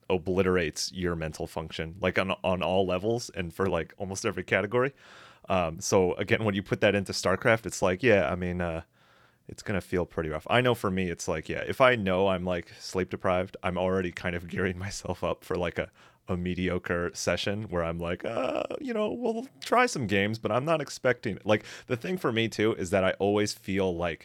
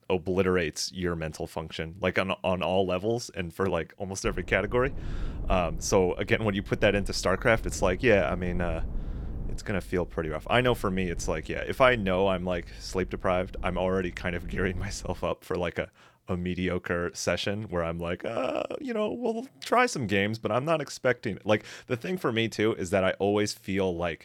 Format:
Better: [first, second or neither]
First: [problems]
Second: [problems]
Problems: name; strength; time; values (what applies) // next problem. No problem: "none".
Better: first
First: none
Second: low rumble; faint; from 4.5 to 15 s; 25 dB below the speech